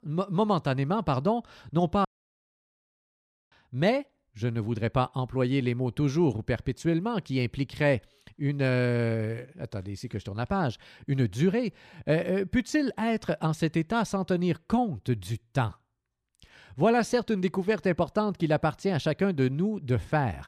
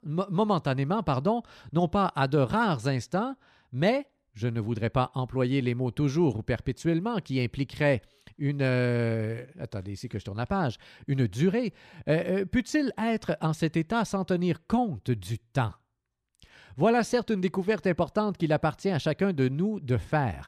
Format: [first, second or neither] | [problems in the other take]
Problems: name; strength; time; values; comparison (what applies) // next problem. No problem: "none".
second | audio cutting out; at 2 s for 1.5 s